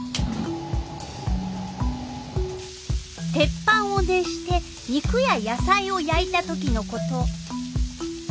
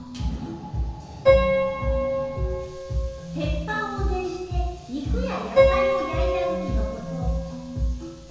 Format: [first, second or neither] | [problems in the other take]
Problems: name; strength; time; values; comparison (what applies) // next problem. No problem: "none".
first | background sound (Piano); 1 dB above the speech // room echo; dies away in 1.2 s